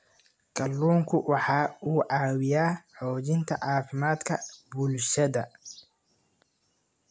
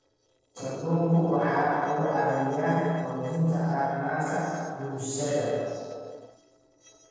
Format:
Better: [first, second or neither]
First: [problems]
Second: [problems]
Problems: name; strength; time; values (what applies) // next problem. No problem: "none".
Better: first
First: none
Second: noise reduction (neural separator model SepFormer DNS4)